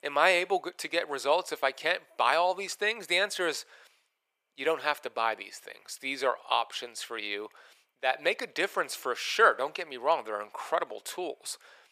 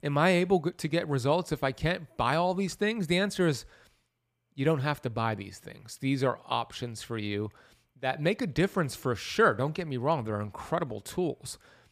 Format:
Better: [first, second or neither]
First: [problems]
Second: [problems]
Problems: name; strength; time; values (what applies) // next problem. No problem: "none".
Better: second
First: thin; very; fading below 500 Hz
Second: none